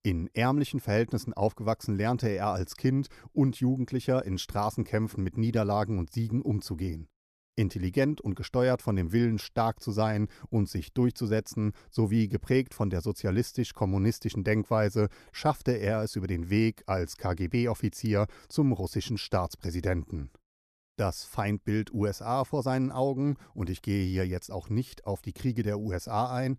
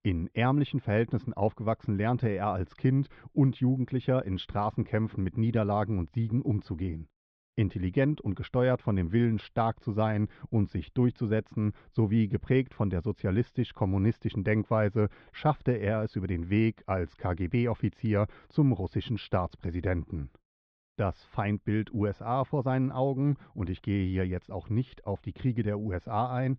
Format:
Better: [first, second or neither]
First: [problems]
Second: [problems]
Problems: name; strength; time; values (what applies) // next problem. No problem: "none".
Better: first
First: none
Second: muffled; very; fading above 3.5 kHz